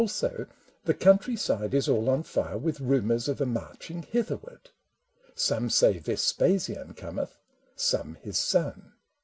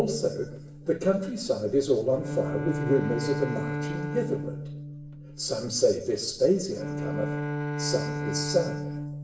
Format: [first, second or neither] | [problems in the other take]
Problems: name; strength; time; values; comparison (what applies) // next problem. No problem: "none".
first | background sound (Bowed string instrument); 5 dB below the speech // room echo; dies away in 0.8 s